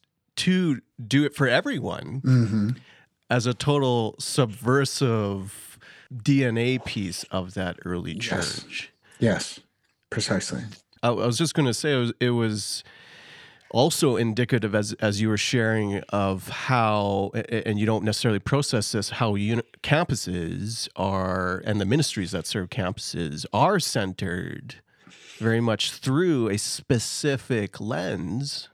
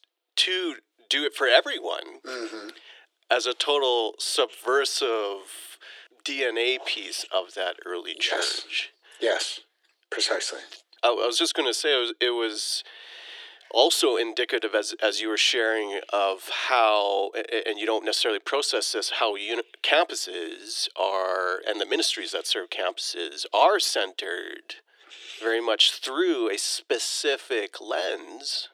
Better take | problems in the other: first | thin; very; fading below 350 Hz

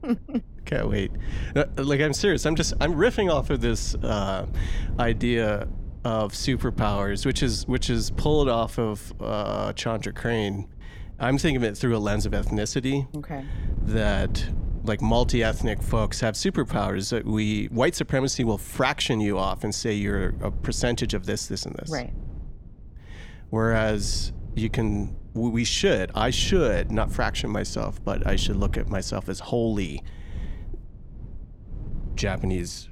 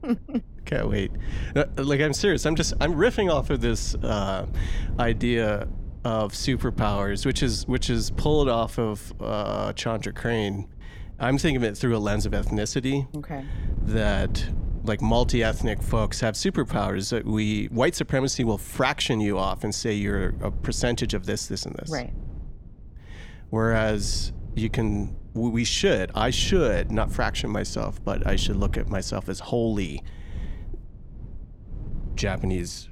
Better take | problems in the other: neither | wind noise on the microphone; occasional gusts; 20 dB below the speech; the same in both

